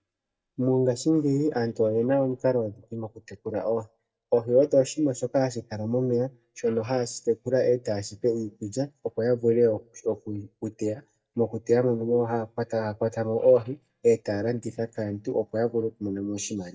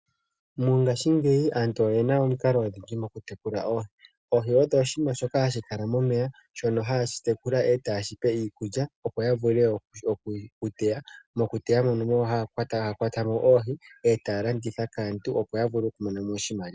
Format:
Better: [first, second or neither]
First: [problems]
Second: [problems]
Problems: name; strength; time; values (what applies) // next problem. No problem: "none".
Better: second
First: noise reduction (neural mask model DeepFilterNet 3)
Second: none